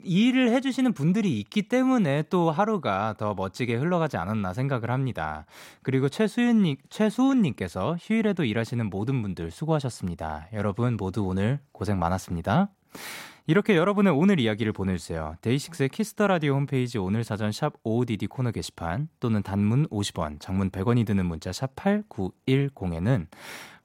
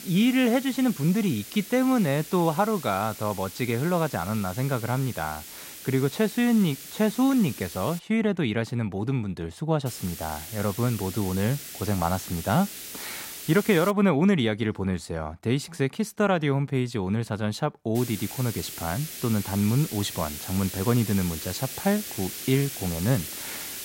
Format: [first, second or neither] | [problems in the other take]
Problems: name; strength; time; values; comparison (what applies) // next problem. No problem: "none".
first | hiss; noticeable; until 8 s, from 10 to 14 s and from 18 s on; 10 dB below the speech